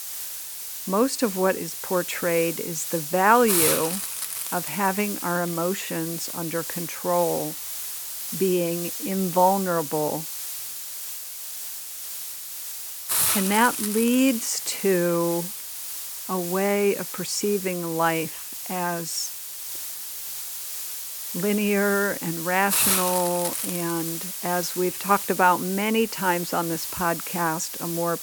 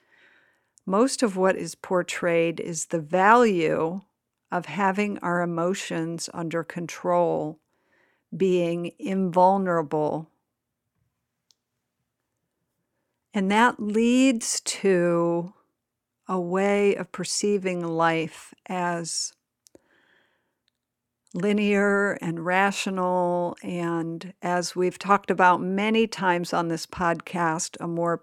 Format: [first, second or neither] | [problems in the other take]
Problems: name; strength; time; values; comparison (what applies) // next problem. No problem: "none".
second | hiss; loud; throughout; 4 dB below the speech